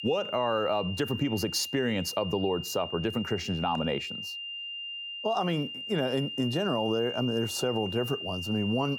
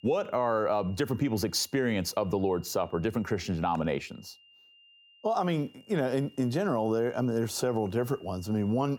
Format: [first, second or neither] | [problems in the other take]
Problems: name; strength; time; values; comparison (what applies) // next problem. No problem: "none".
second | high-pitched whine; loud; throughout; 3 kHz, 6 dB below the speech; faint in the second